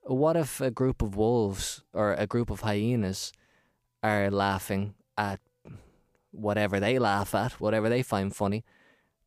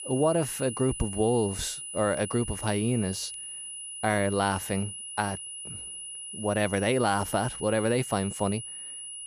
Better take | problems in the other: first | high-pitched whine; loud; throughout; 10 kHz, 8 dB below the speech

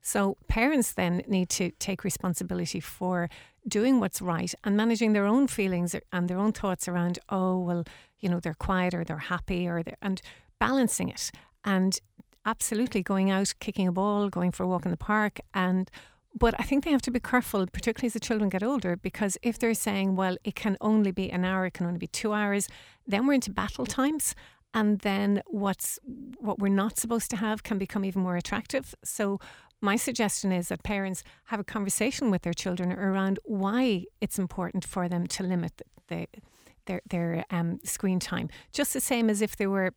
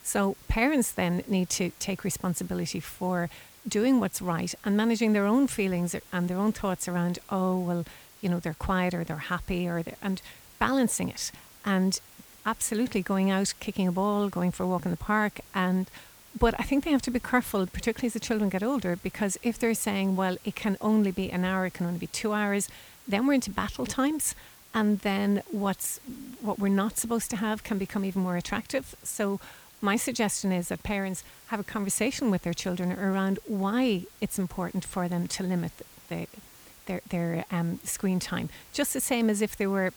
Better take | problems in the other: first | hiss; faint; throughout; 20 dB below the speech

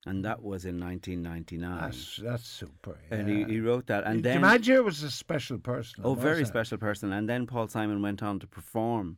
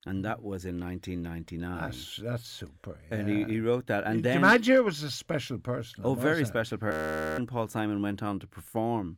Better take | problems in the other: first | audio freezing; at 7 s

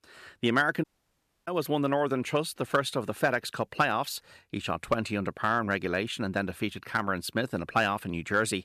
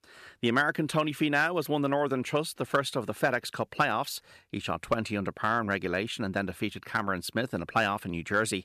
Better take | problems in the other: second | audio cutting out; at 1 s for 0.5 s

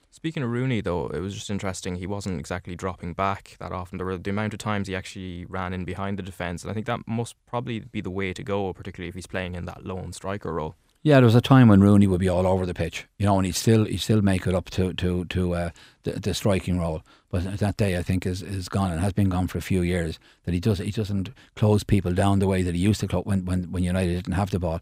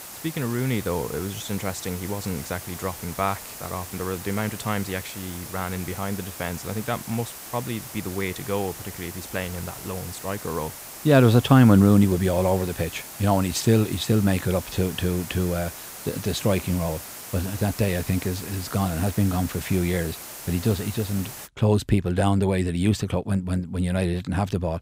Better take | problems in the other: first | hiss; noticeable; until 21 s; 10 dB below the speech

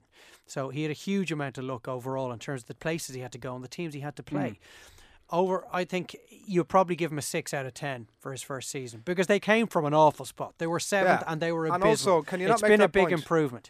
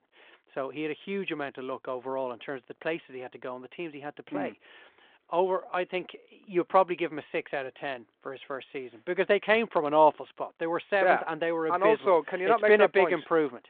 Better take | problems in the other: first | phone-call audio

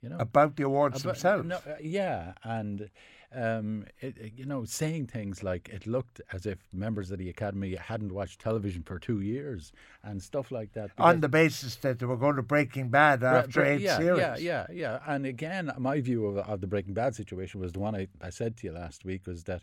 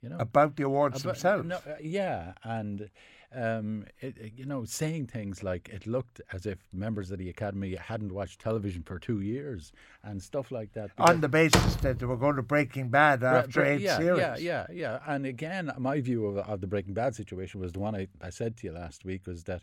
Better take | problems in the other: first | door banging; loud; at 11 s; peak 6 dB above the speech

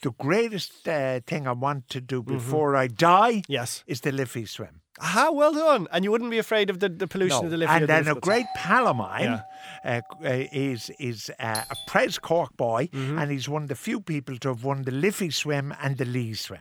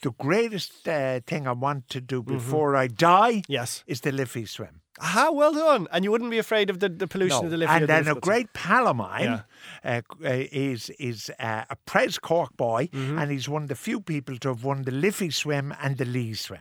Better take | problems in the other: second | doorbell; noticeable; from 8.5 to 10 s and at 12 s; peak 8 dB below the speech

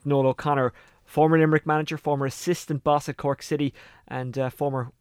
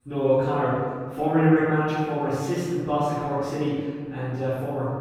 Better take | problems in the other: first | off-mic speech; far // room echo; strong; dies away in 1.7 s

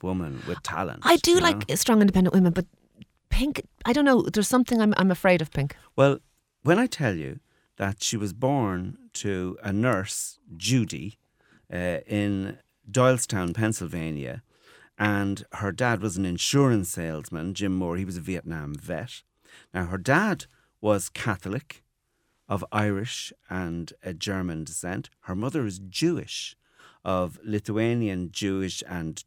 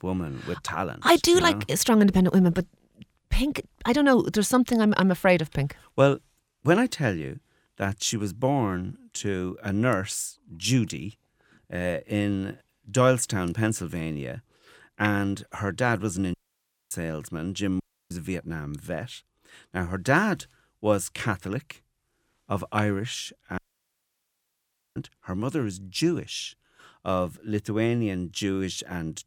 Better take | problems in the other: first | audio cutting out; at 16 s for 0.5 s, at 18 s and at 24 s for 1.5 s

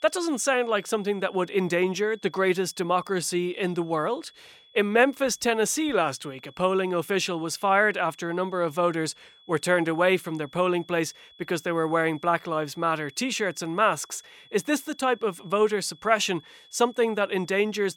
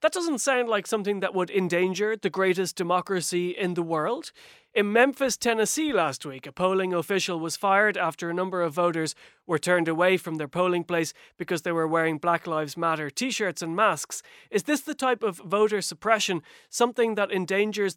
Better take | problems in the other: second | high-pitched whine; faint; throughout; 3.5 kHz, 25 dB below the speech

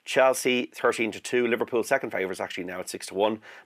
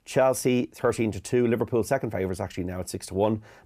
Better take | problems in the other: second | thin; very slightly; fading below 300 Hz

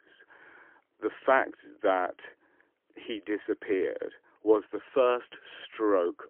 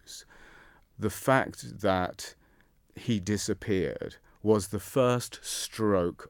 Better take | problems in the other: second | phone-call audio; poor line; nothing above 3.5 kHz

